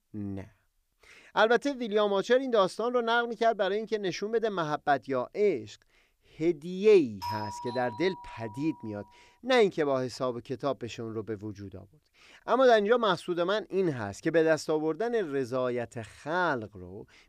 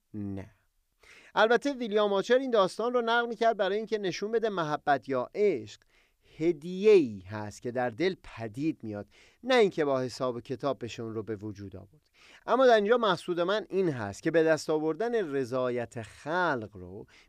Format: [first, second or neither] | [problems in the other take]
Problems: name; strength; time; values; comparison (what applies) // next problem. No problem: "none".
second | doorbell; noticeable; from 7 to 8.5 s; peak 8 dB below the speech